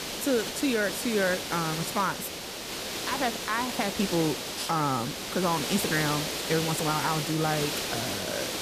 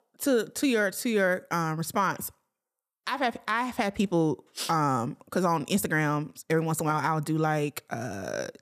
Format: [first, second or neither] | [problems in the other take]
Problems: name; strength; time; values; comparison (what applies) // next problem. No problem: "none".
second | hiss; loud; throughout; 2 dB below the speech